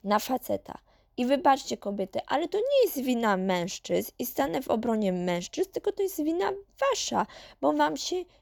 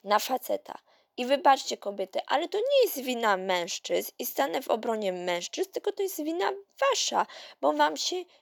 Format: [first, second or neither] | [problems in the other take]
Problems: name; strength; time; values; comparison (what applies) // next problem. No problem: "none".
first | thin; somewhat; fading below 400 Hz